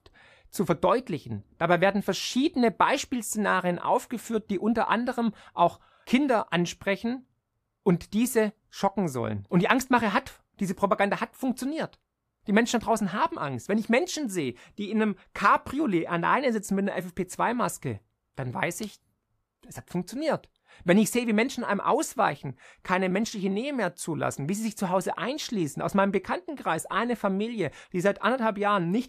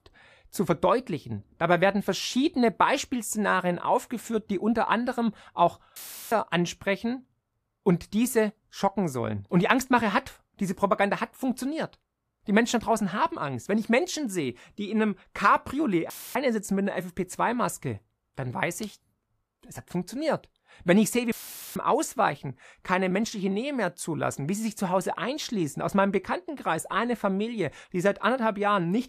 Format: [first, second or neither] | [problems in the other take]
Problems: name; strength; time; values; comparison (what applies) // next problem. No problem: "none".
first | audio cutting out; filled with static; at 6 s, at 16 s and at 21 s